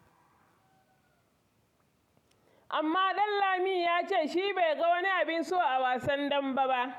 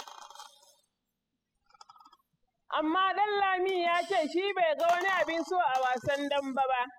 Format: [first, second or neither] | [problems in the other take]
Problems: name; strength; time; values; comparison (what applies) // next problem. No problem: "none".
first | noise reduction (classical method spectral subtraction)